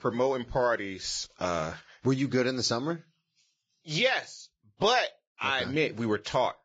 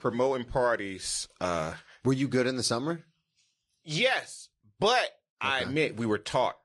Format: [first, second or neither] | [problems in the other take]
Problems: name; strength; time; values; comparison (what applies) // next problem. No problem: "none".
second | garbled, watery; badly; nothing above 7.5 kHz; slightly in the second